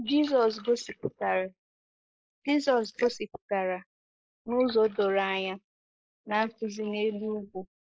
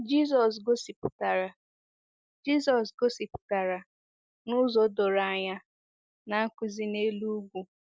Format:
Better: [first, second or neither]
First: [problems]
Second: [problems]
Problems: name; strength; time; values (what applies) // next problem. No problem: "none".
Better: second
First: noise reduction (neural mask model Resemble Enhance denoiser)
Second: none